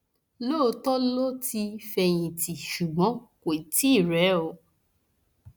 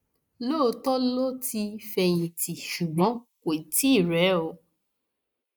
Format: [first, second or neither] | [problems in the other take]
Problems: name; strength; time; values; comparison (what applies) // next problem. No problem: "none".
first | noise reduction (neural mask model Resemble Enhance denoiser)